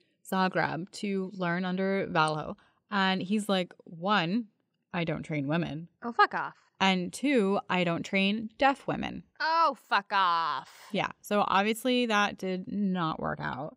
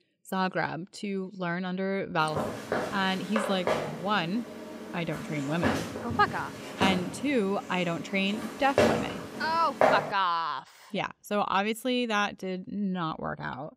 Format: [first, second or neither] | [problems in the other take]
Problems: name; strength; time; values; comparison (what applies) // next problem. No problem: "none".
first | footsteps; loud; from 2.5 to 10 s; peak 5 dB above the speech